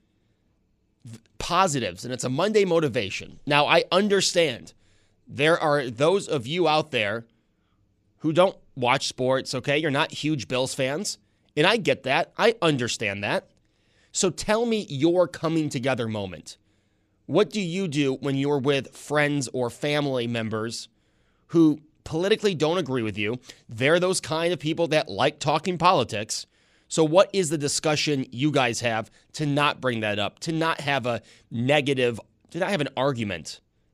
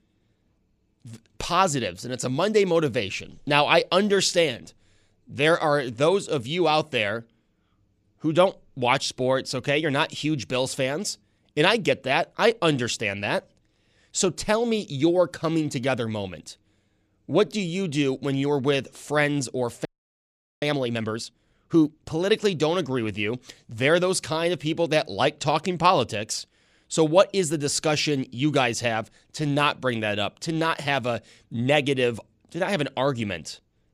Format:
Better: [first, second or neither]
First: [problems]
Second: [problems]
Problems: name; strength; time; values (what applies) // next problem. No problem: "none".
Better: first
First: none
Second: audio freezing; at 20 s for 1 s